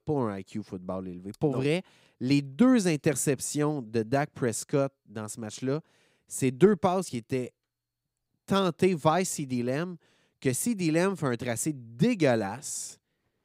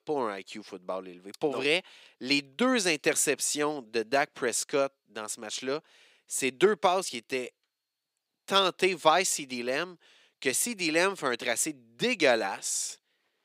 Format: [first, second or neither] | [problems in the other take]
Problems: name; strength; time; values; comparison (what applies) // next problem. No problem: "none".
first | thin; somewhat; fading below 400 Hz